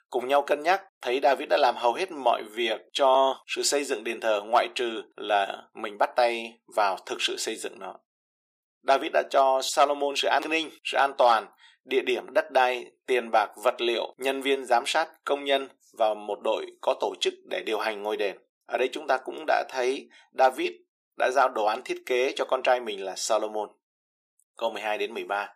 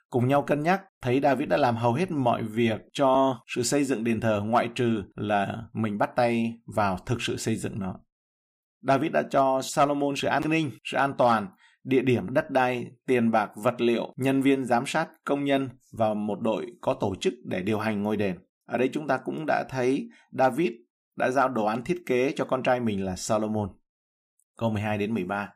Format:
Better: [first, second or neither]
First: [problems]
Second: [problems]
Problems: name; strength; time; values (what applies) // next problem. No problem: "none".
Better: second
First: thin; very; fading below 400 Hz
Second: none